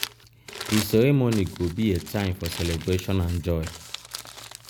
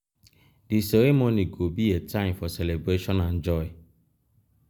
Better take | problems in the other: second | background sound (Crumpling, crinkling); 12 dB below the speech

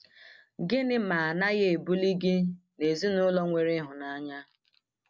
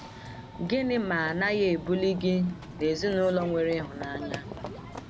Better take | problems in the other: first | background sound (Run / Train); 12 dB below the speech

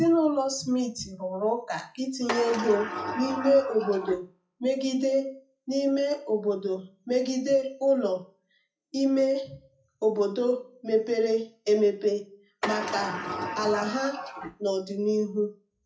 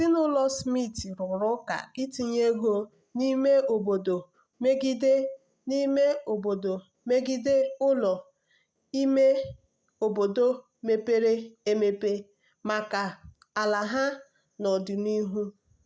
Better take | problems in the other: second | noise reduction (classical method WPE with log-MMSE)

